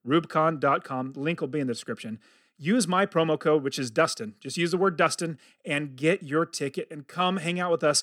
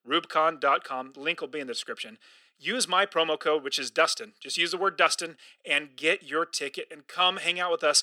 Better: first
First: none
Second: thin; somewhat; fading below 500 Hz

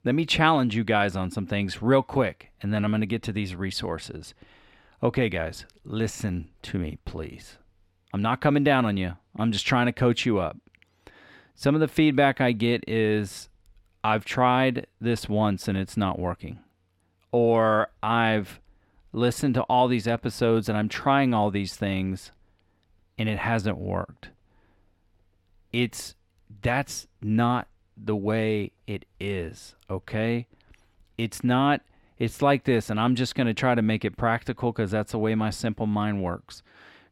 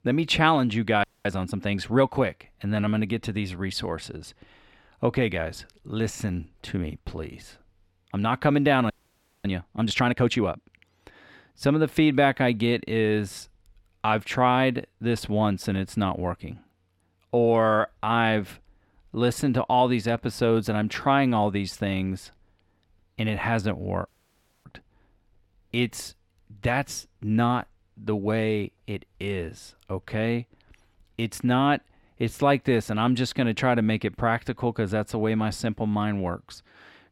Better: first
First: none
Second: audio freezing; at 1 s, at 9 s for 0.5 s and at 24 s for 0.5 s

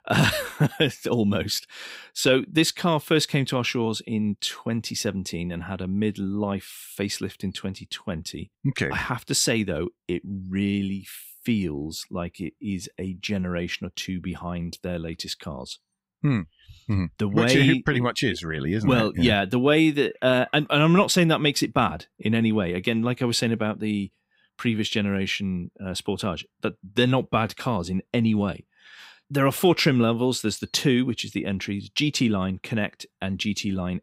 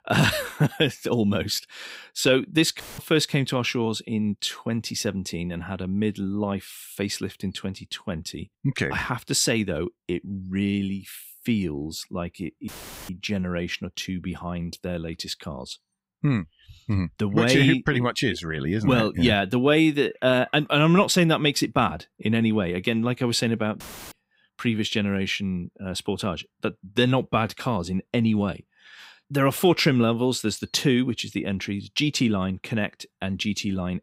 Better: first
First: none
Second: audio cutting out; filled with static; at 3 s, at 13 s and at 24 s

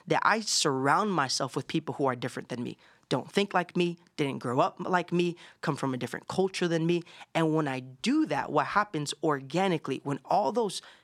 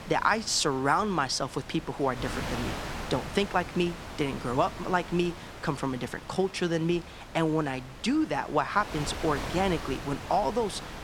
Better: first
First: none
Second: wind noise on the microphone; occasional gusts; 10 dB below the speech

